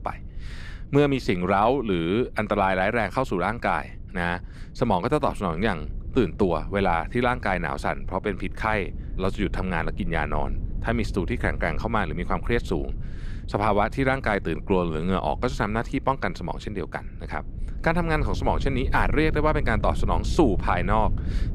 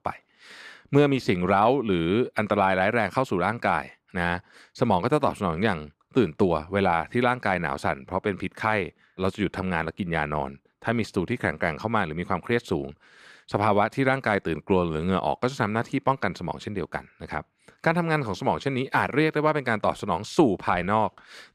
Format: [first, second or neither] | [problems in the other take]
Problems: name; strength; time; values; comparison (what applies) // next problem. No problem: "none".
second | low rumble; faint; throughout; 20 dB below the speech